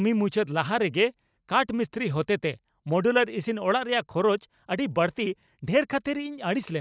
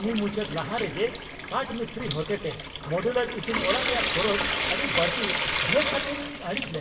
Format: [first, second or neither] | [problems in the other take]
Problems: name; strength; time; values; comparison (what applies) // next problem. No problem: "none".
first | background sound (Trickle, dribble / Sink (filling or washing) / Water tap, faucet); 1 dB below the speech // room echo; dies away in 0.6 s